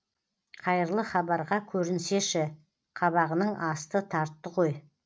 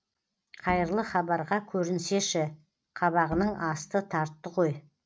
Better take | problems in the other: first | background sound (Bowed string instrument); 15 dB below the speech

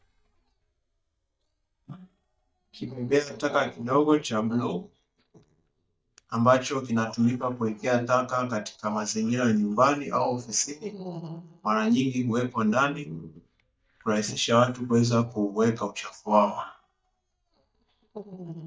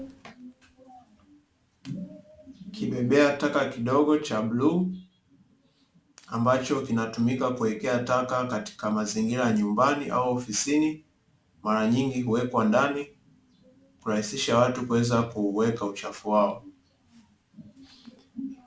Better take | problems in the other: second | noise reduction (neural mask model DeepFilterNet 3)

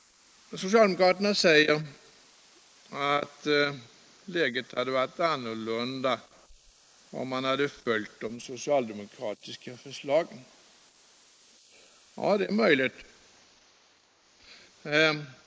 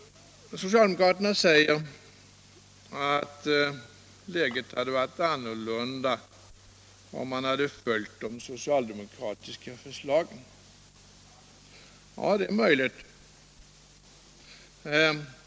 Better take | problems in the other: second | noise reduction (neural mask model Resemble Enhance denoiser)

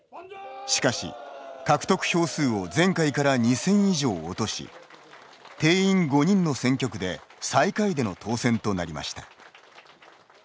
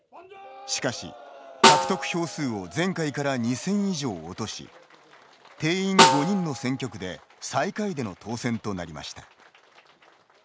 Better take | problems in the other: first | background sound (Snare drum); 4 dB above the speech

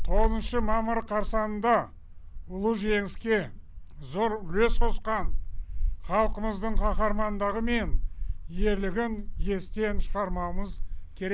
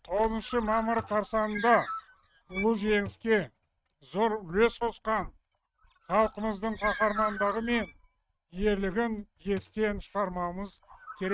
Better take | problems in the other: first | noise reduction (neural mask model RNNoise)

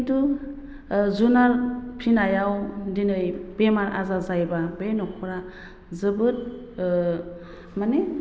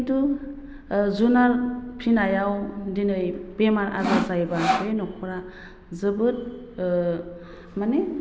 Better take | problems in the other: first | background sound (Sawing); 1 dB below the speech

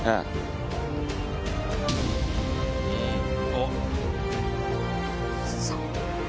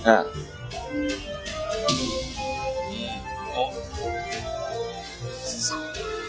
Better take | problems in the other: first | noise reduction (classical method log-MMSE)

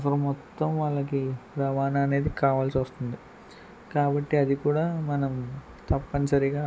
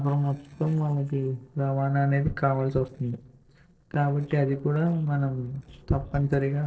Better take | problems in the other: first | noise reduction (neural separator model SepFormer DNS4)

